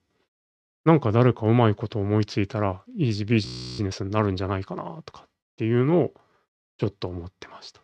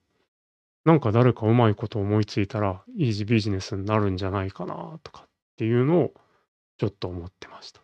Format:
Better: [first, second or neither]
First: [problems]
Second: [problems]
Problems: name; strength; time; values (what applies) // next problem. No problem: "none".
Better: second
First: audio freezing; at 3.5 s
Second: none